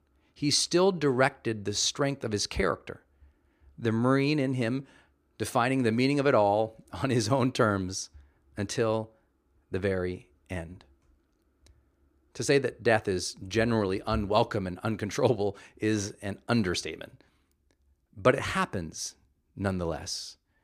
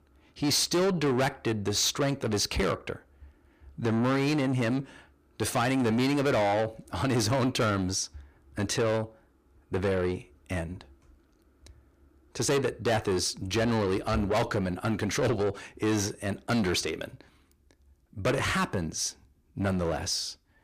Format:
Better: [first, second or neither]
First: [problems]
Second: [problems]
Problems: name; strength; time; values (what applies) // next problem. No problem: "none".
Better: first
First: none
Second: distortion; heavy; 6 dB below the speech